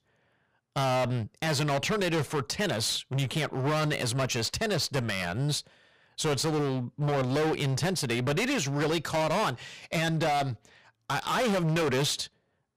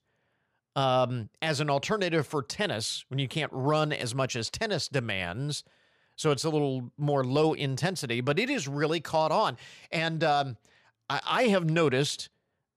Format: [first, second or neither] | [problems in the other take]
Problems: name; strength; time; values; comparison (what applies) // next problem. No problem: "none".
second | distortion; heavy; 23% of the sound clipped